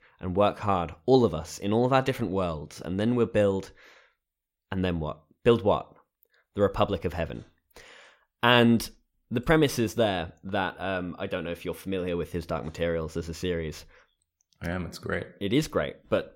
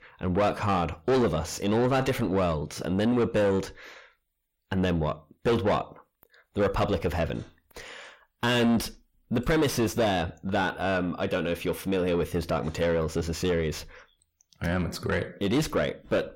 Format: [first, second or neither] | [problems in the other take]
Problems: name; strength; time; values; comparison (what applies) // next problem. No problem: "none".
first | distortion; heavy; 5 dB below the speech